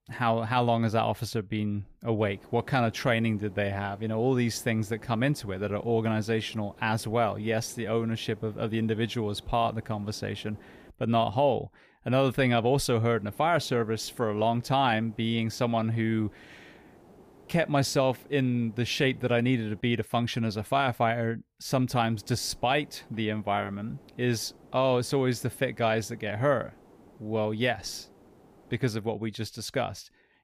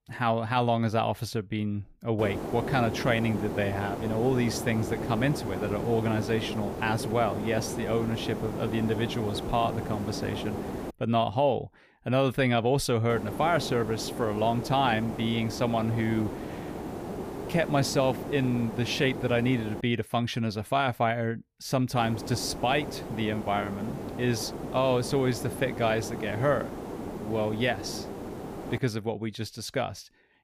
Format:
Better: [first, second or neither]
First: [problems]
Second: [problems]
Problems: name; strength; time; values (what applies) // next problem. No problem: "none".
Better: first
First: hiss; faint; from 2 to 11 s, from 13 to 20 s and from 22 to 29 s; 25 dB below the speech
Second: hiss; loud; from 2 to 11 s, from 13 to 20 s and from 22 to 29 s; 8 dB below the speech